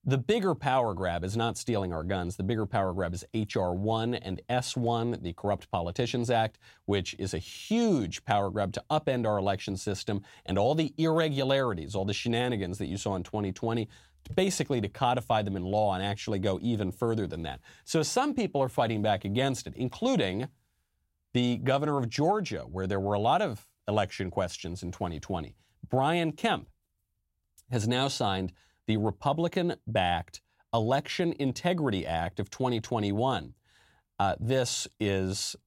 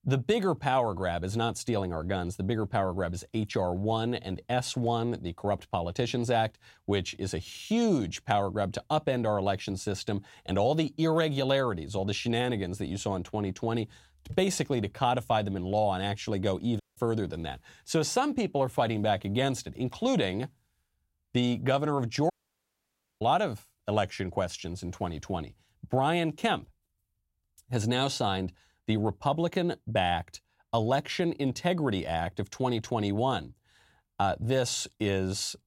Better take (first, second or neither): first